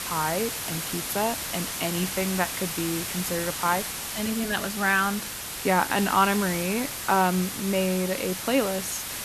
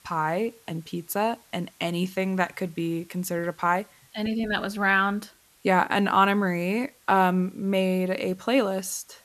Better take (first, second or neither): second